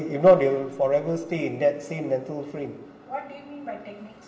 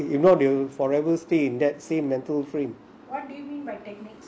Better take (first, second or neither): second